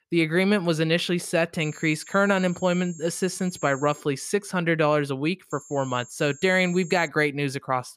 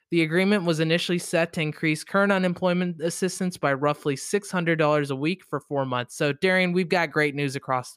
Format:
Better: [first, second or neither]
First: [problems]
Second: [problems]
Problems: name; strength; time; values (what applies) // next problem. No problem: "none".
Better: second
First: high-pitched whine; noticeable; from 1.5 to 4 s and from 5.5 to 7 s; 7.5 kHz, 20 dB below the speech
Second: none